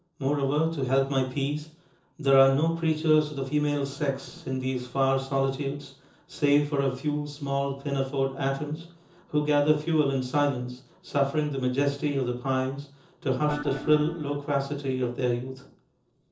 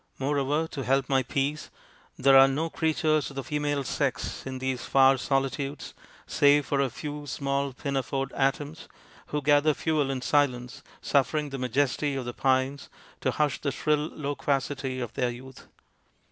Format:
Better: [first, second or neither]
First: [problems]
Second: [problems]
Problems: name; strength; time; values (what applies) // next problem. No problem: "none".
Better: second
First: noise reduction (neural separator model SepFormer DNS4)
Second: none